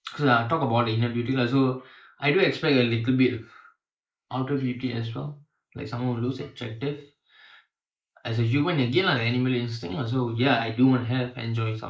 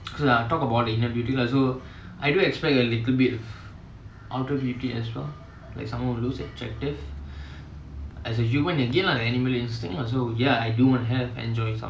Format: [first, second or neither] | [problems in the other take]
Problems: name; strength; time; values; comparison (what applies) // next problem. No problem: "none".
second | noise reduction (neural mask model Resemble Enhance denoiser)